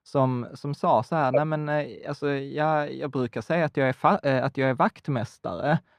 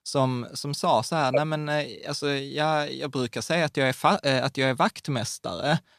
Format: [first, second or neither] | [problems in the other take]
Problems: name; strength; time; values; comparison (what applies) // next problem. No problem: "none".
second | muffled; very; fading above 3 kHz